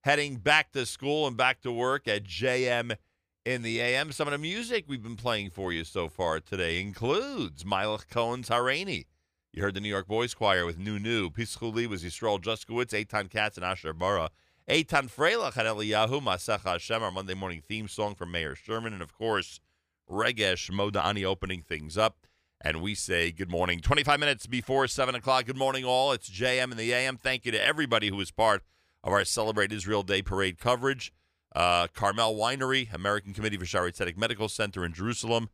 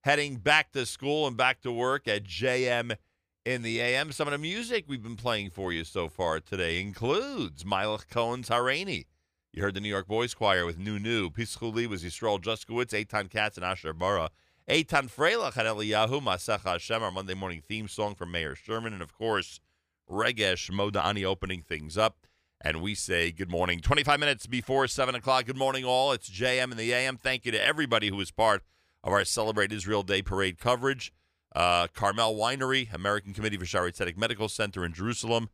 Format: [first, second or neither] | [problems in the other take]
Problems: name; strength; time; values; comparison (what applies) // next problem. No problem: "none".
neither | none